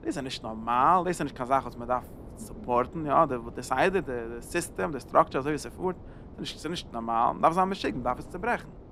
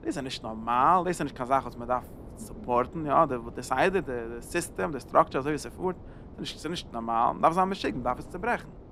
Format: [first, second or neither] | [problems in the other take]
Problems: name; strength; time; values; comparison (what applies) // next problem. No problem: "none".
neither | wind noise on the microphone; occasional gusts; 25 dB below the speech; the same in both